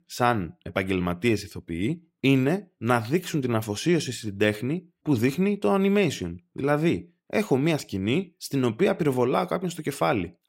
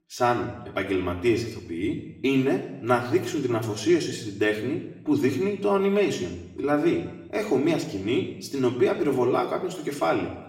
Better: first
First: none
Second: room echo; slight; dies away in 0.8 s // off-mic speech; far

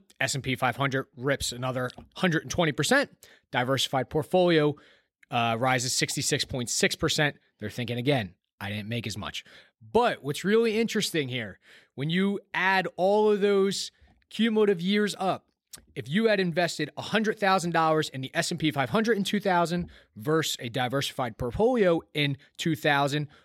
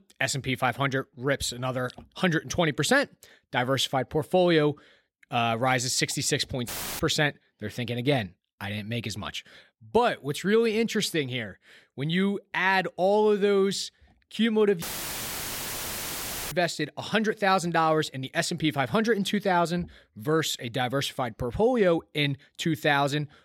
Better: first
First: none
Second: audio cutting out; filled with static; at 6.5 s and at 15 s for 1.5 s

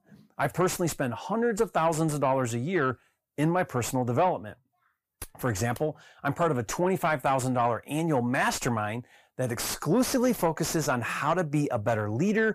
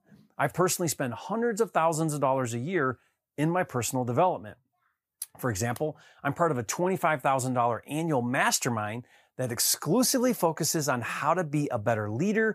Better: second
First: distortion; slight; 10 dB below the speech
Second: none

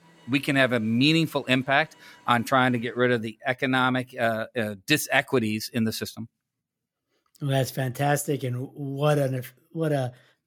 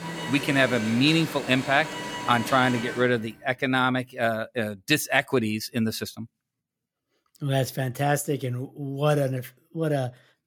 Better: first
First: alarms or sirens; faint; until 3 s; 30 dB below the speech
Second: alarms or sirens; loud; until 3 s; 8 dB below the speech

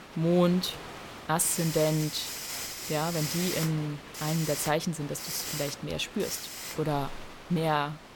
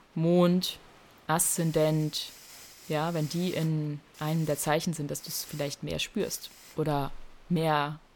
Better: second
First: hiss; loud; throughout; 7 dB below the speech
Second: hiss; faint; throughout; 20 dB below the speech

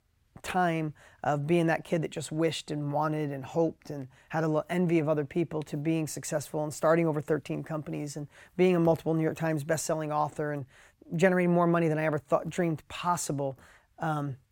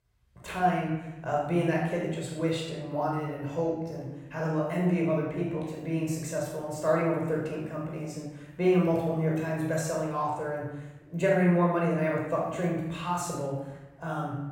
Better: first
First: none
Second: off-mic speech; far // room echo; noticeable; dies away in 0.9 s

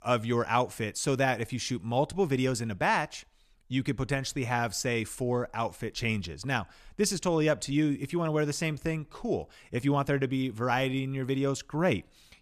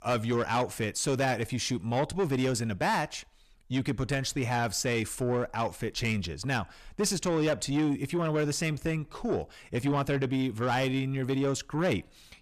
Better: first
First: none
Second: distortion; slight; 10 dB below the speech

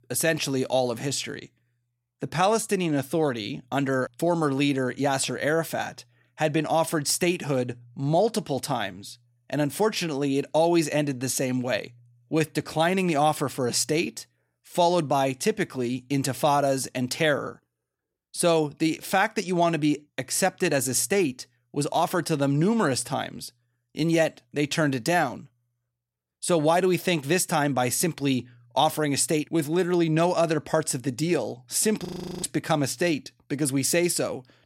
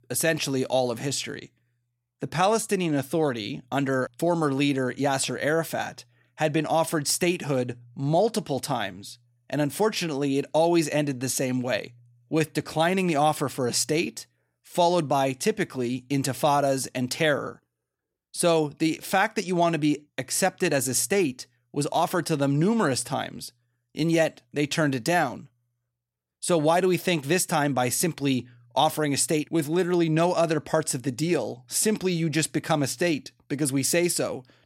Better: second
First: audio freezing; at 32 s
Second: none

